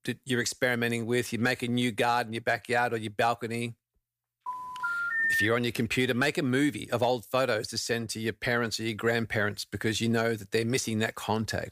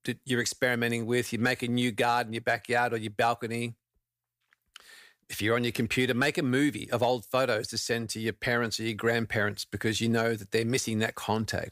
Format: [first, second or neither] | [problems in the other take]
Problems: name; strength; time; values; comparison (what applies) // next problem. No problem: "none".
second | phone ringing; loud; from 4.5 to 5.5 s; peak 3 dB above the speech